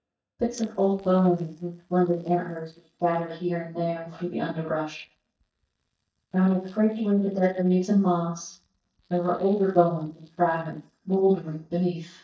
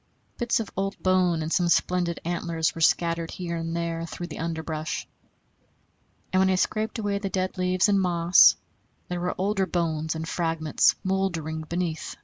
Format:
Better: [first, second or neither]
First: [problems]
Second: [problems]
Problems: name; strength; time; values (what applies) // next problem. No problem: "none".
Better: second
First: noise reduction (neural mask model DeepFilterNet 3)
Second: none